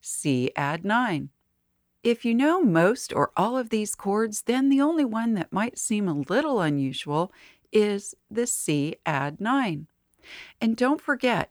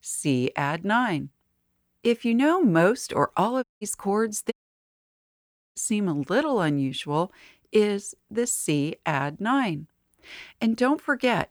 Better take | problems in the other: first | audio cutting out; at 3.5 s and at 4.5 s for 1 s

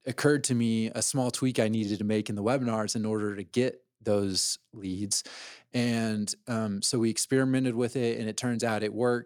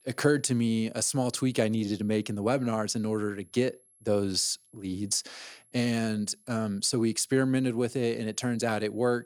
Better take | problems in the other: first | high-pitched whine; faint; throughout; 11 kHz, 30 dB below the speech

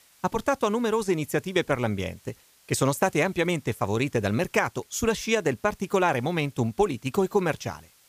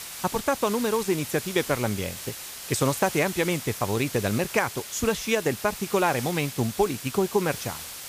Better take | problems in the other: first | hiss; loud; throughout; 9 dB below the speech; faint in the first

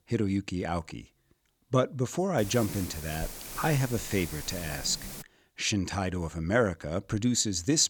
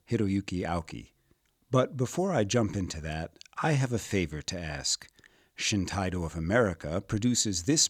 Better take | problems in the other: second | hiss; loud; from 2.5 to 5 s; 10 dB below the speech

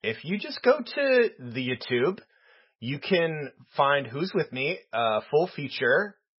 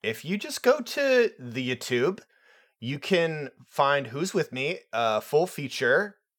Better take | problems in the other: second | garbled, watery; badly; nothing above 5.5 kHz

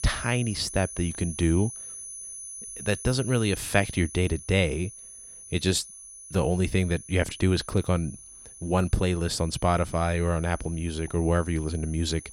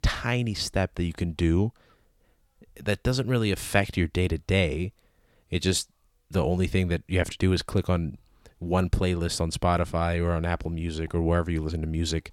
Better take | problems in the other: second | high-pitched whine; noticeable; throughout; 10 kHz, 15 dB below the speech

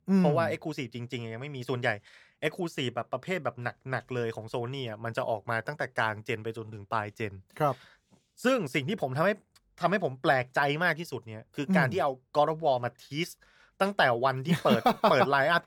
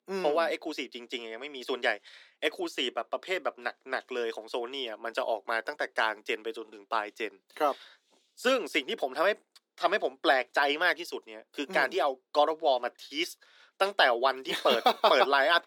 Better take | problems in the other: first | thin; somewhat; fading below 300 Hz

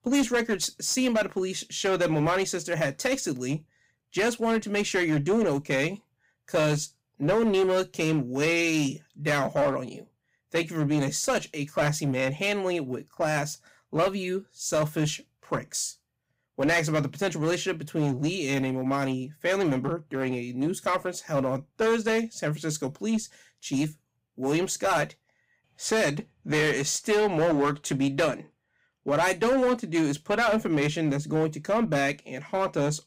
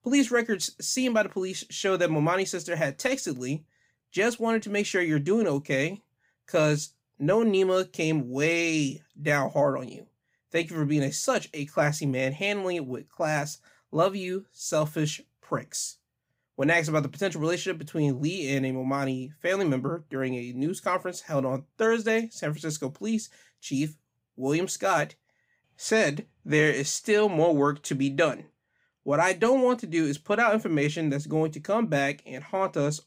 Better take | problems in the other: second | distortion; slight; 8% of the sound clipped

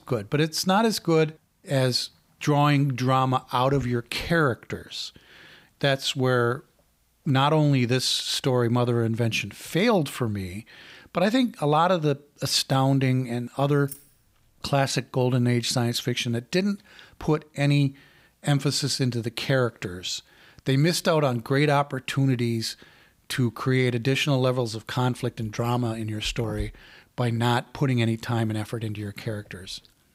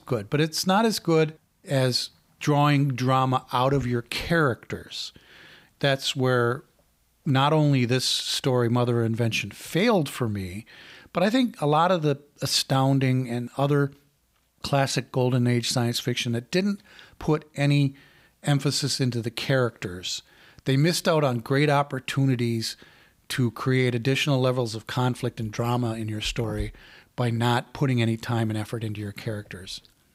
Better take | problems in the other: second | jangling keys; faint; at 14 s; peak 15 dB below the speech

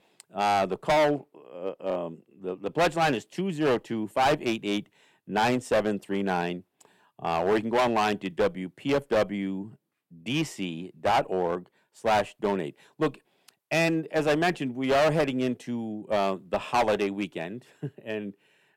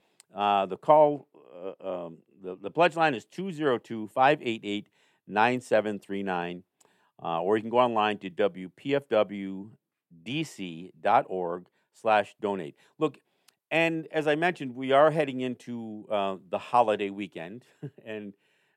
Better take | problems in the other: second | distortion; heavy; 8% of the sound clipped

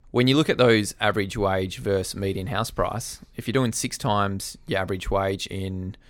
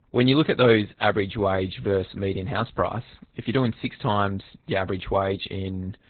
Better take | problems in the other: first | garbled, watery; badly; nothing above 4 kHz

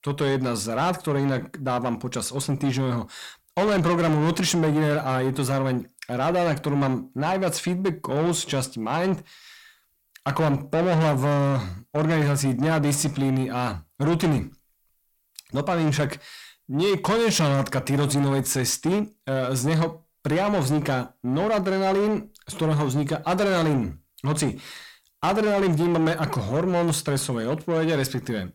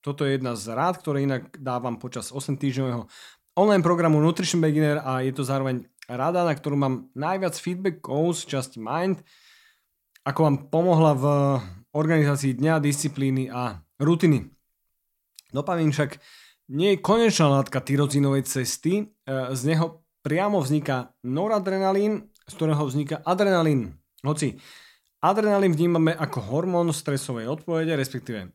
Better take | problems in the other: second | distortion; heavy; 7 dB below the speech

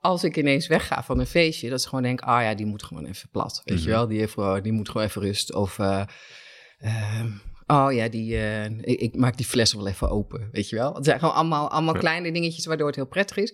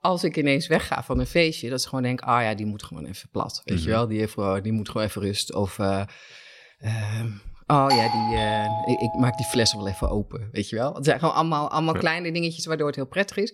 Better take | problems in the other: first | doorbell; loud; from 8 to 9.5 s; peak 3 dB above the speech

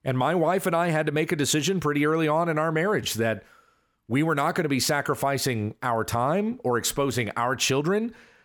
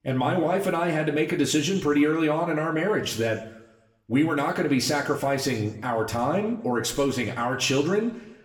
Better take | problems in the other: first | room echo; slight; dies away in 0.7 s // off-mic speech; somewhat distant

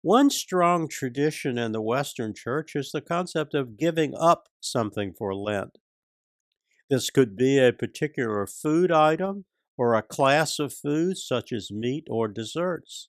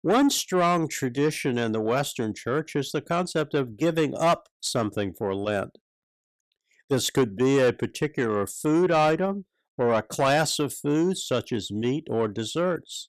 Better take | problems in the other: first | distortion; slight; 10 dB below the speech

